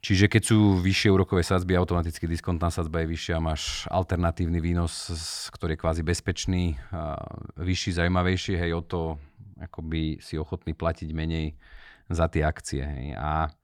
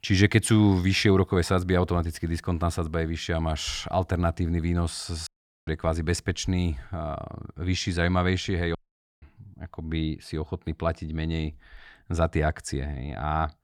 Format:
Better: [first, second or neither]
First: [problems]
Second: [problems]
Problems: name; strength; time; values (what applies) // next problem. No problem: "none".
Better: first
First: none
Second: audio cutting out; at 5.5 s and at 9 s